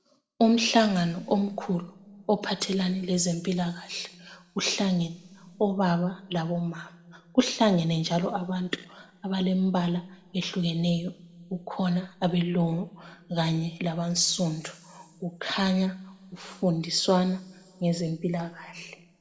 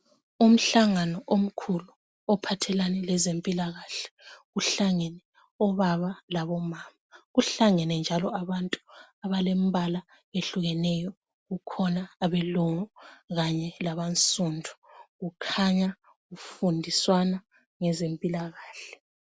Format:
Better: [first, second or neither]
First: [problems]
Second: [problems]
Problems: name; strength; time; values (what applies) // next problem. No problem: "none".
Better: second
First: room echo; dies away in 1.9 s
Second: none